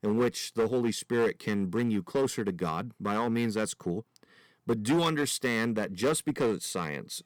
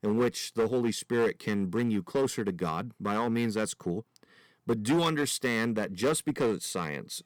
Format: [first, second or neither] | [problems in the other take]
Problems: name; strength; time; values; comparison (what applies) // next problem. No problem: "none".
neither | distortion; slight; 6% of the sound clipped; the same in both